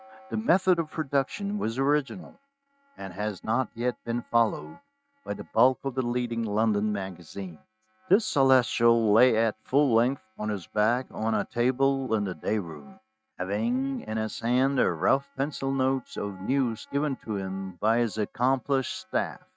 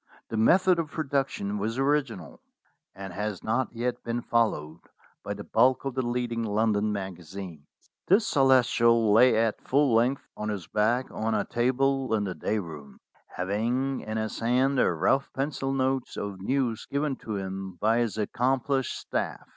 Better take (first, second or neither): second